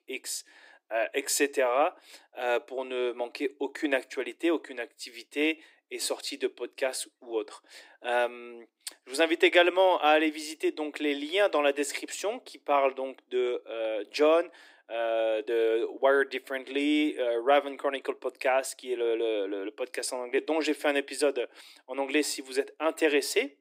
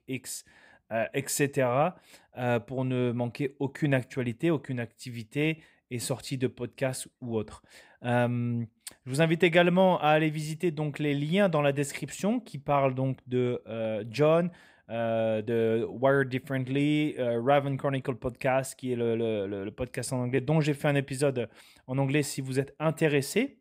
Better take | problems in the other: second | thin; somewhat; fading below 300 Hz

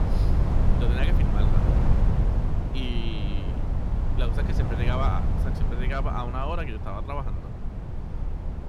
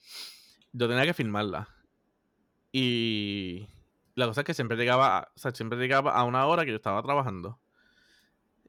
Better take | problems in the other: second | wind noise on the microphone; heavy; 3 dB below the speech

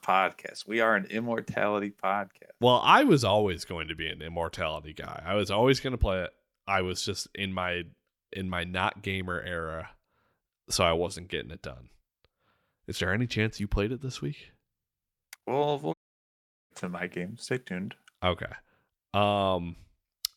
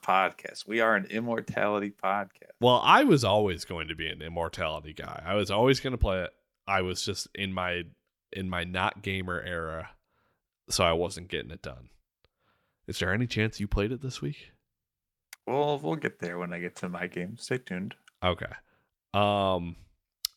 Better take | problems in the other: second | audio cutting out; at 16 s for 1 s

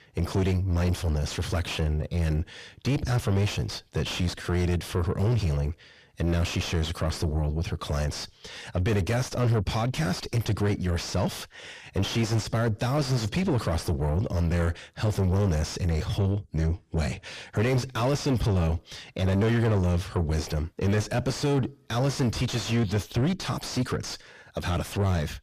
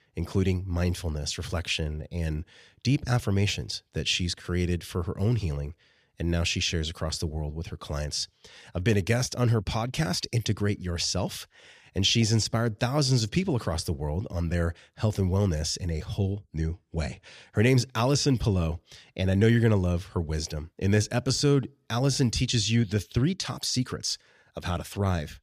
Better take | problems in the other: second | distortion; heavy; 5 dB below the speech

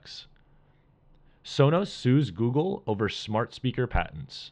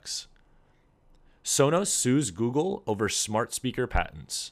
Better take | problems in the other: second | muffled; slightly; fading above 4 kHz

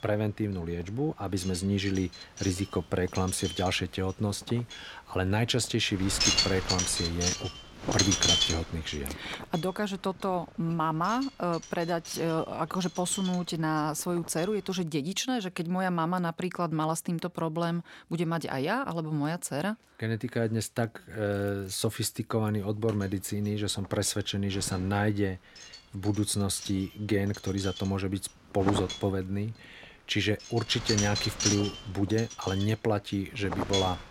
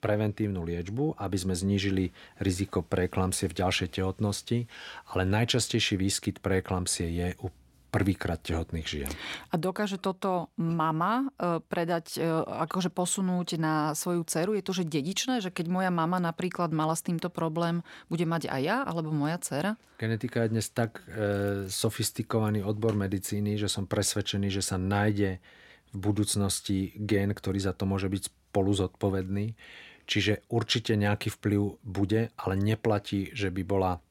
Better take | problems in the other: second | wind noise on the microphone; heavy; until 15 s and from 23 s on; 2 dB above the speech

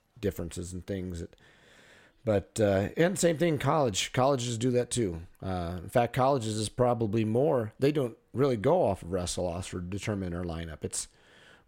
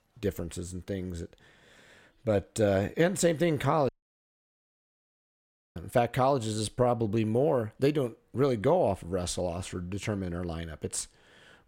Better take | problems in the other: first | audio cutting out; at 4 s for 2 s

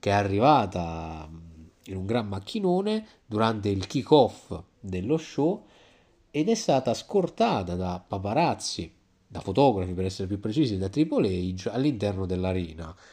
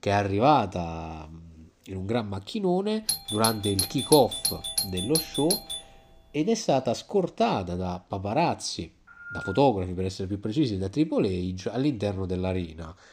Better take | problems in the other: first | doorbell; loud; from 3 to 6 s; peak 1 dB above the speech // phone ringing; faint; at 9 s; peak 10 dB below the speech

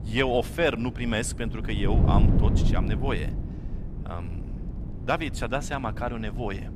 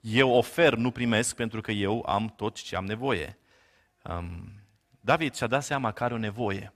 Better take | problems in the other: second | wind noise on the microphone; occasional gusts; 10 dB below the speech

